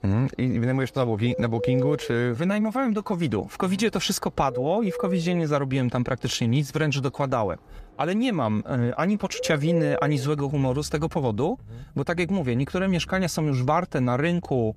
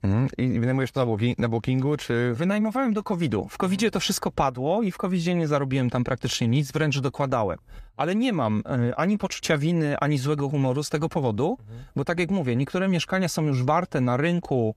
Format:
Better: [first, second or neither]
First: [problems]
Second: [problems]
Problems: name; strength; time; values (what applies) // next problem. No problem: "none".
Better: second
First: animal sounds; loud; throughout; 9 dB below the speech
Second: none